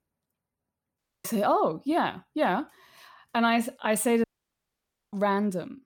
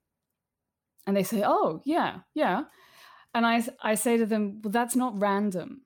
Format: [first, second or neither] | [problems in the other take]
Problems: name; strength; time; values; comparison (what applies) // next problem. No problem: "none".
second | audio cutting out; at 1 s and at 4 s for 1 s